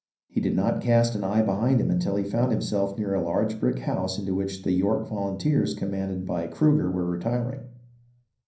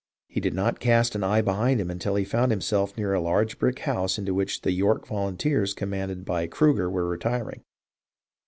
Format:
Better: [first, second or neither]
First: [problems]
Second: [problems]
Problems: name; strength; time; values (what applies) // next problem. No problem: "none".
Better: second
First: room echo; dies away in 0.6 s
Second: none